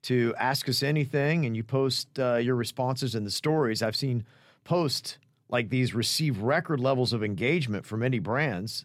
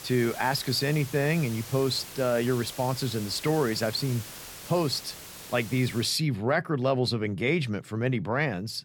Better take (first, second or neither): first